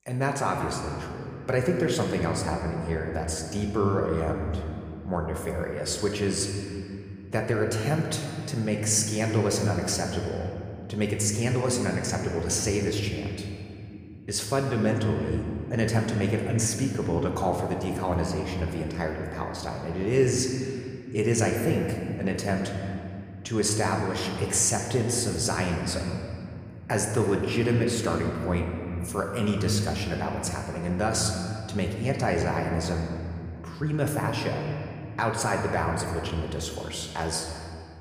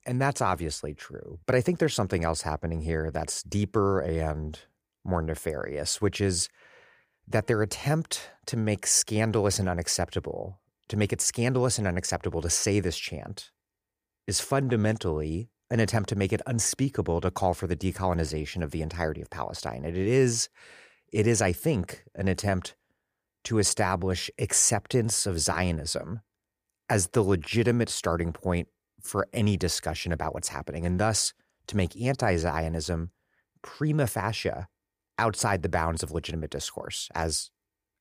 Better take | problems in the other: second | room echo; noticeable; dies away in 2.4 s

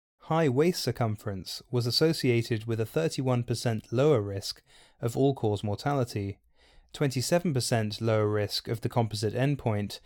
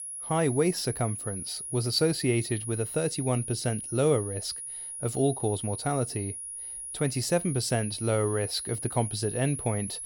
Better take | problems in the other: first | high-pitched whine; loud; throughout; 10.5 kHz, 6 dB below the speech

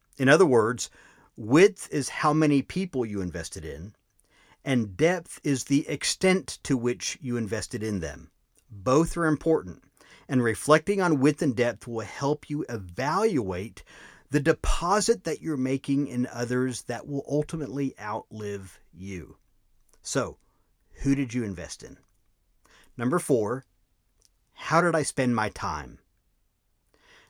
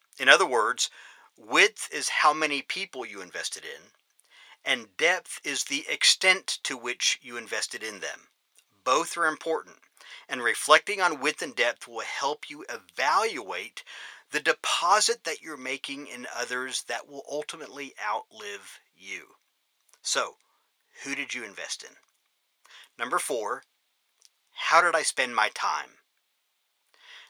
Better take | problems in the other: first | thin; very; fading below 850 Hz

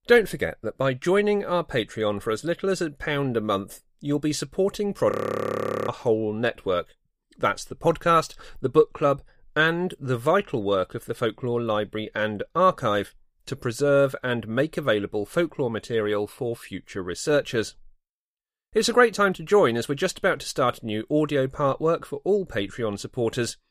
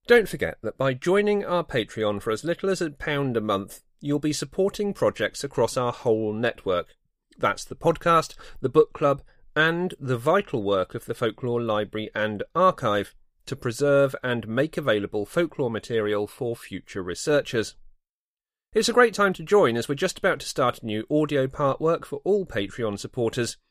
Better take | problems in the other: second | audio freezing; at 5 s for 1 s

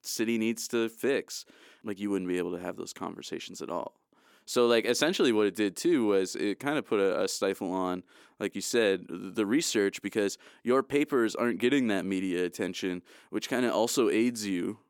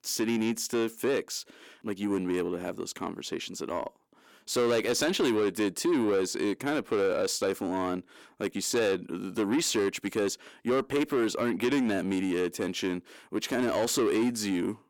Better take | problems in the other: first | distortion; slight; 10 dB below the speech

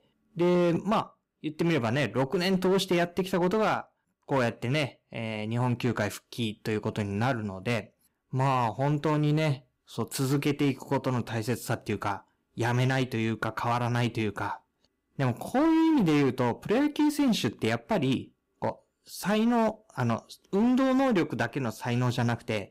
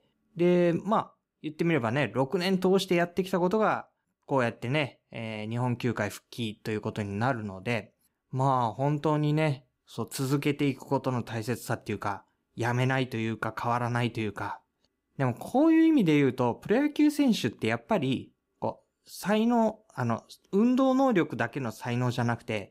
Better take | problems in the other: second | distortion; slight; 9% of the sound clipped

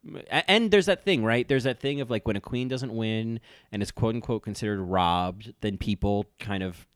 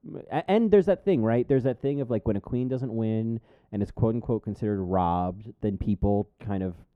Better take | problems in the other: first | muffled; very; fading above 1.5 kHz

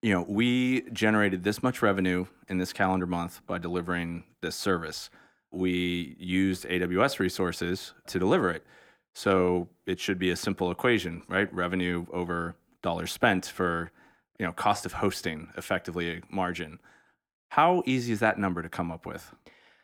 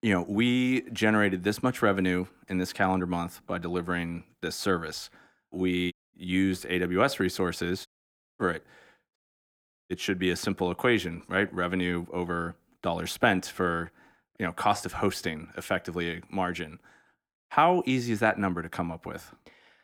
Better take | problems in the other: first | audio cutting out; at 6 s, at 8 s for 0.5 s and at 9 s for 0.5 s

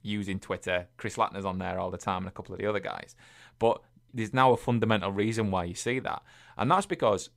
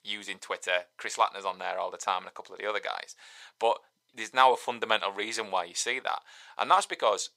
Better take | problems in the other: first | thin; very; fading below 700 Hz

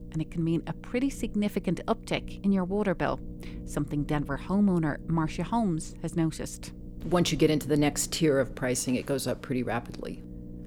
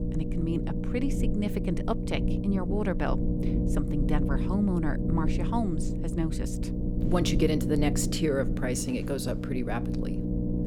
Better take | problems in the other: first | low rumble; loud; throughout; 4 dB below the speech; faint in the first

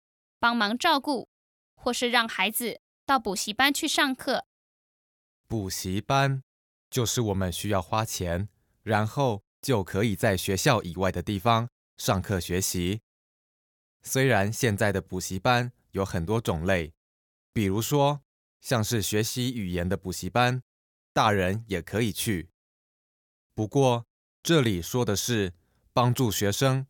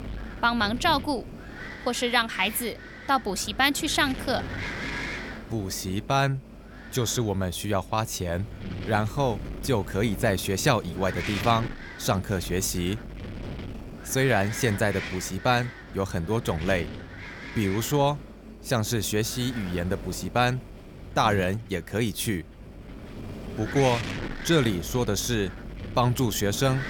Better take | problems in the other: first | wind noise on the microphone; occasional gusts; 10 dB below the speech

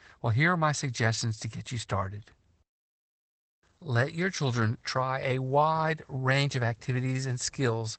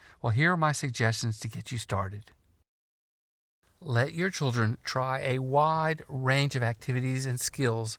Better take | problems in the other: second | garbled, watery; badly; nothing above 8 kHz; slightly in the second

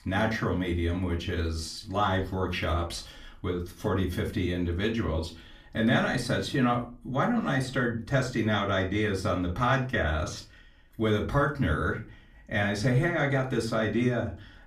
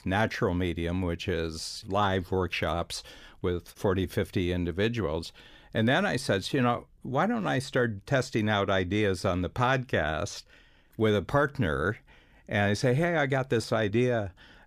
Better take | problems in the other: second | off-mic speech; far // room echo; very slight; dies away in 0.3 s

